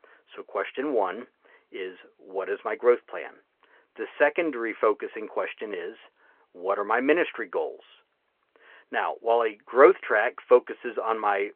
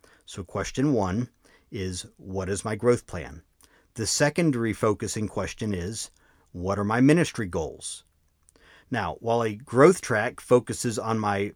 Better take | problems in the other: second | phone-call audio

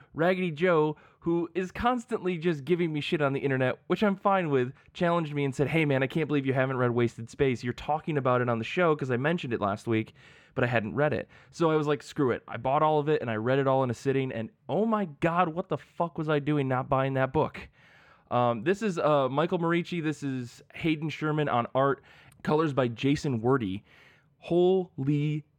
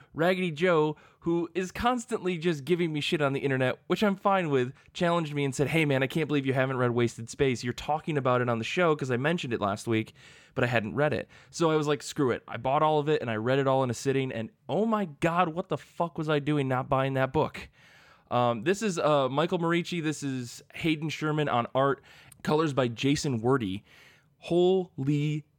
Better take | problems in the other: second | muffled; slightly; fading above 3.5 kHz

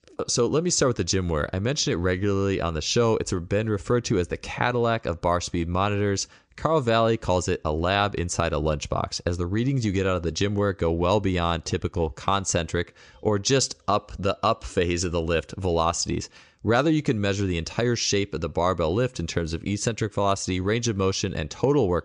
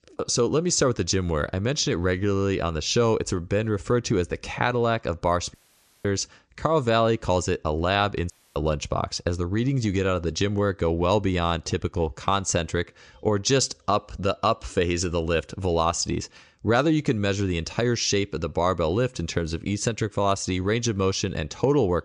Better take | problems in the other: first | audio cutting out; at 5.5 s for 0.5 s and at 8.5 s

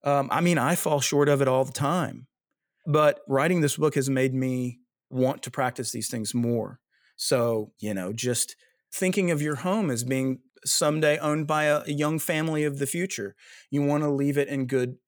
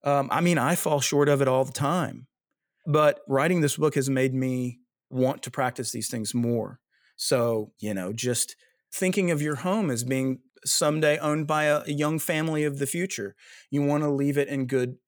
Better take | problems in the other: neither | none

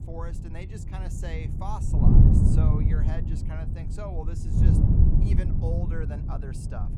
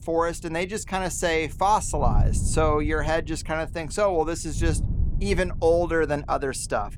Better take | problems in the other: second | wind noise on the microphone; heavy; 4 dB above the speech; occasional gusts in the second

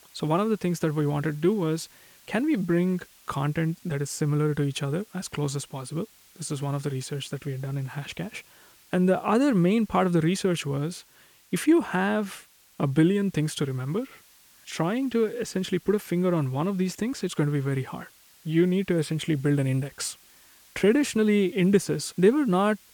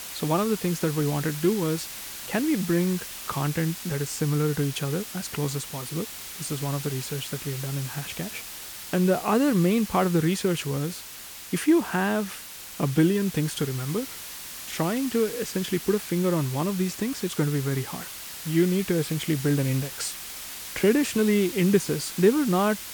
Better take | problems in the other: first | hiss; loud; throughout; 10 dB below the speech; faint in the first

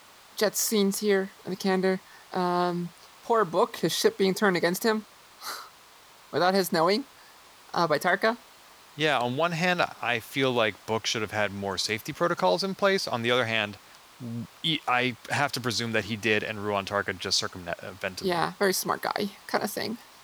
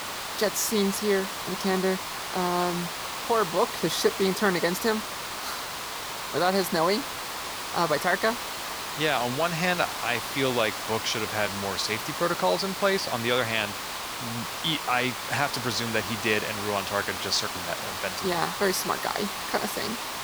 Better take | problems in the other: first | hiss; loud; throughout; 5 dB below the speech; faint in the first

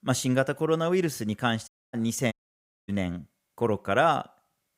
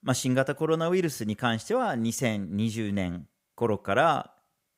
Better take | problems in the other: second | audio cutting out; at 1.5 s and at 2.5 s for 0.5 s

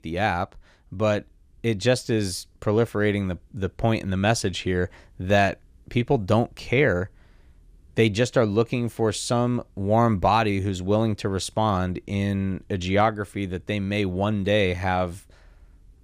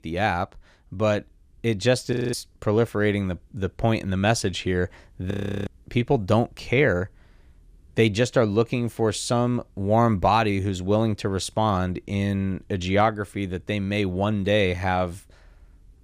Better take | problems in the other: first | audio freezing; at 2 s and at 5.5 s

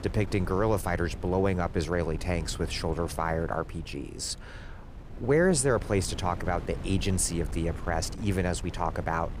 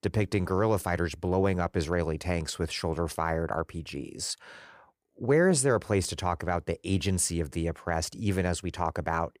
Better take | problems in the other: second | wind noise on the microphone; occasional gusts; 20 dB below the speech

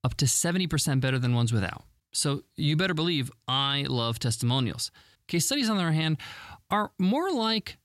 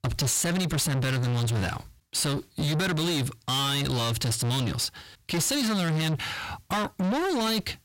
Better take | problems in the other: first | distortion; heavy; 7 dB below the speech

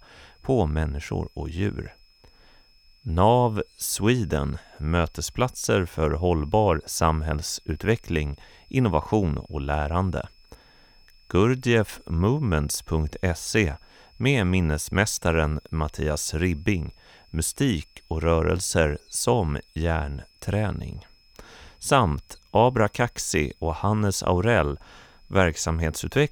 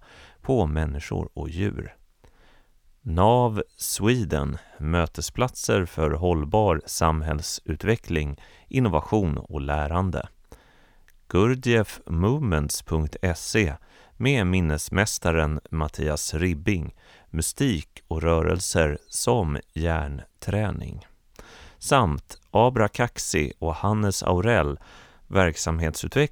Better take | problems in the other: second | high-pitched whine; faint; throughout; 5 kHz, 35 dB below the speech

